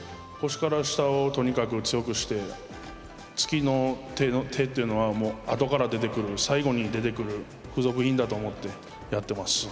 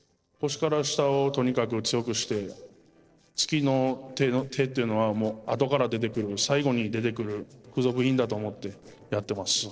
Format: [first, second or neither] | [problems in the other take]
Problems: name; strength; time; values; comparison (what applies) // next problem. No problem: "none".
first | noise reduction (neural separator model SepFormer DNS4)